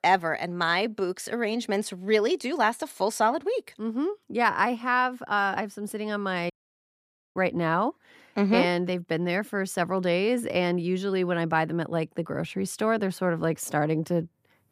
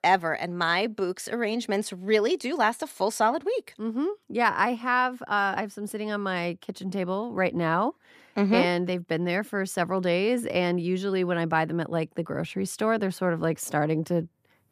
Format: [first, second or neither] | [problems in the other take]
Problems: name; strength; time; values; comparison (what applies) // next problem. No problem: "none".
second | audio cutting out; at 6.5 s for 1 s